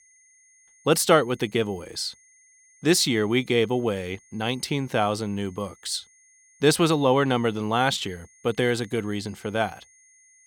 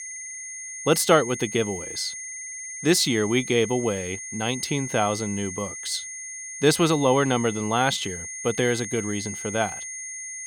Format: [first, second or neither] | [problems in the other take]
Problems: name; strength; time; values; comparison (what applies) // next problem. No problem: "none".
first | high-pitched whine; loud; throughout; 6.5 kHz, 8 dB below the speech; faint in the first